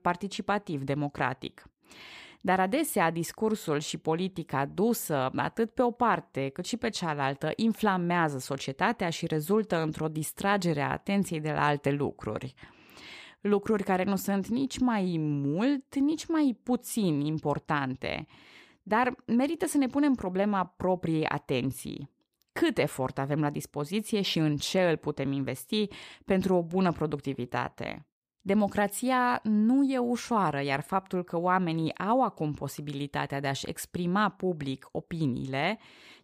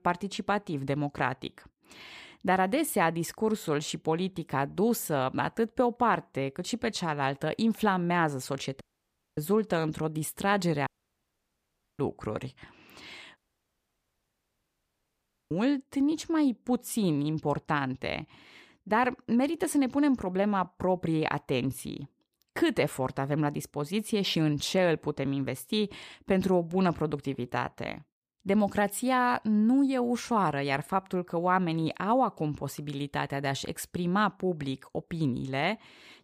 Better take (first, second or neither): first